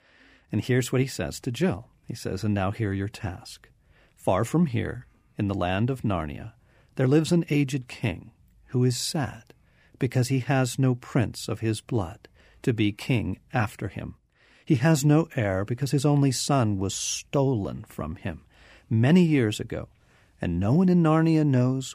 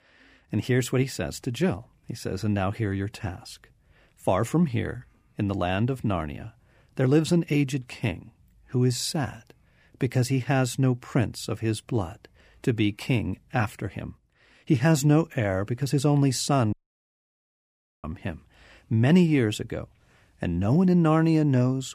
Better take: first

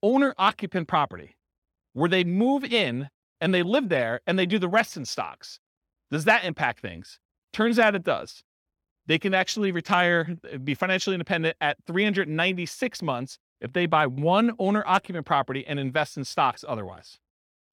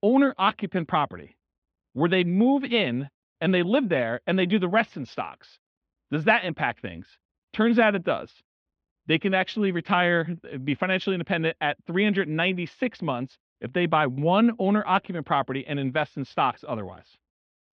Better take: first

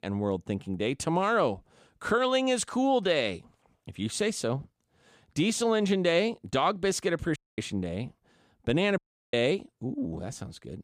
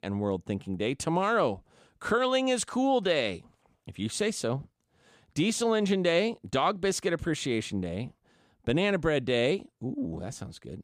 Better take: second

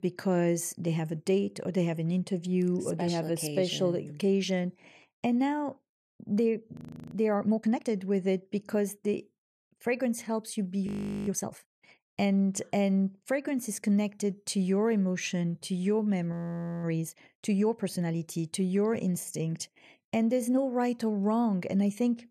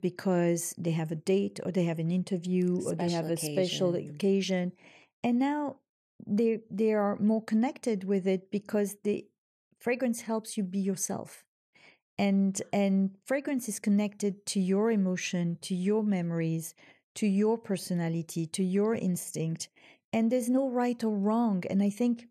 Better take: second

